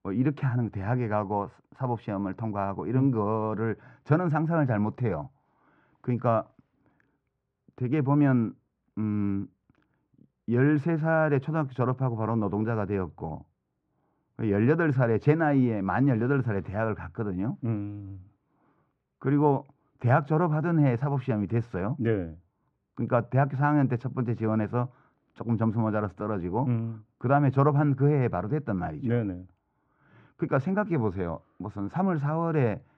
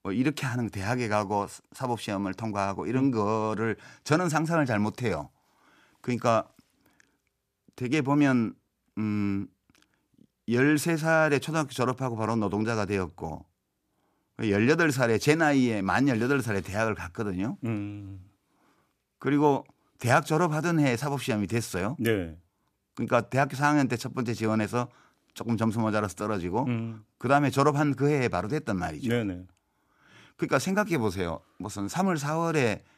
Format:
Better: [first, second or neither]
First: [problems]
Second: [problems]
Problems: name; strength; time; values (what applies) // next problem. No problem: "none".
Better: second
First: muffled; very; fading above 1.5 kHz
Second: none